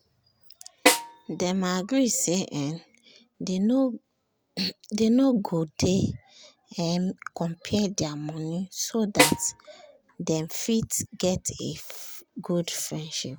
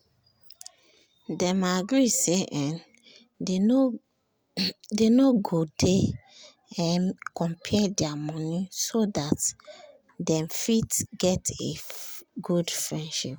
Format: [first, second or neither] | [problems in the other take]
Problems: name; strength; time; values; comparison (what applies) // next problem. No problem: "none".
second | background sound (Snare drum); 2 dB above the speech